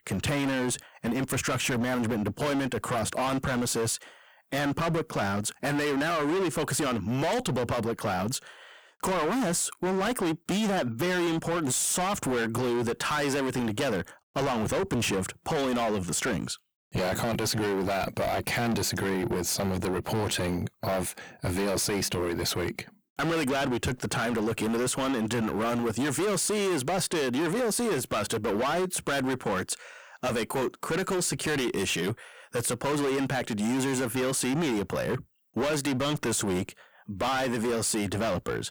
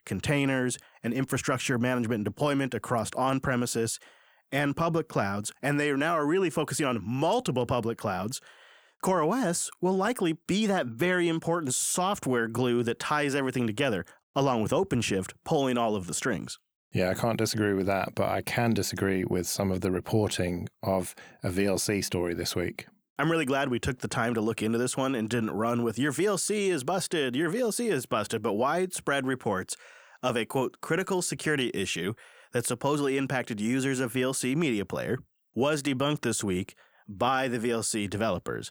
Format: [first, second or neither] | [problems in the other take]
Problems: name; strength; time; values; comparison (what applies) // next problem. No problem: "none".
second | distortion; heavy; 28% of the sound clipped